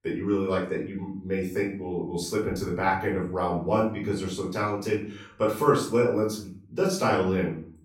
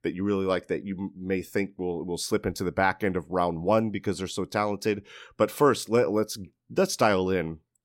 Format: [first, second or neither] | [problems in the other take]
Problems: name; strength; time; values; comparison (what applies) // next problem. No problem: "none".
second | off-mic speech; far // room echo; noticeable; dies away in 0.4 s